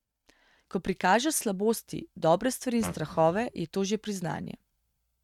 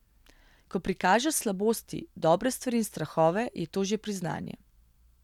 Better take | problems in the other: second | noise reduction (neural mask model RNNoise)

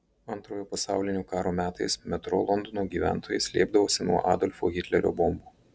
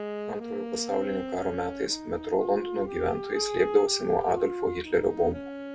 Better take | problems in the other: first | background sound (Wind instrument, woodwind instrument); 7 dB below the speech // room echo; dies away in 0.2 s

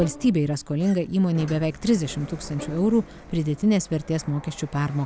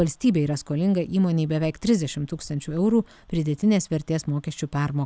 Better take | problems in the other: second | background sound (Bowed string instrument + Sliding door); 18 dB below the speech

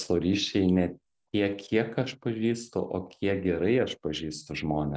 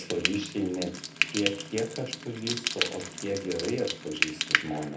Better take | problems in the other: first | background sound (Frying (food)); as loud as the speech // room echo; dies away in 0.3 s

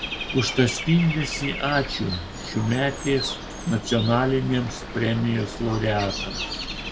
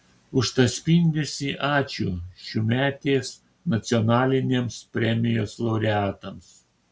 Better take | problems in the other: second | background sound (Bird / Dog + Boat, Water vehicle); 8 dB below the speech

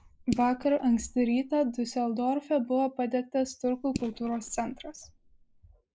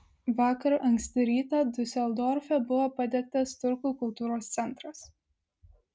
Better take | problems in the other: second | noise reduction (neural mask model Resemble Enhance denoiser)

